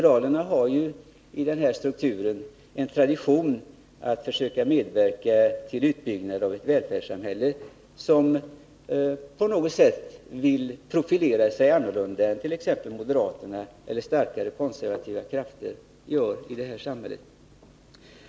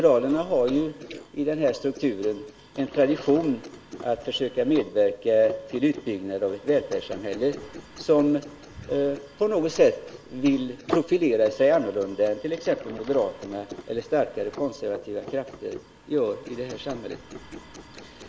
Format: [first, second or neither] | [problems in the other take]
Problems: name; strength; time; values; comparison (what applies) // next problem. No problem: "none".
first | noise reduction (neural mask model Resemble Enhance denoiser)